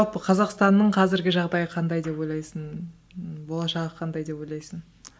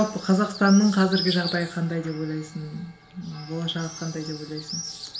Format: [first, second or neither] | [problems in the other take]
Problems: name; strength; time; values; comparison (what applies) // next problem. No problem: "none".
first | background sound (Bird); 12 dB below the speech // room echo; dies away in 1.3 s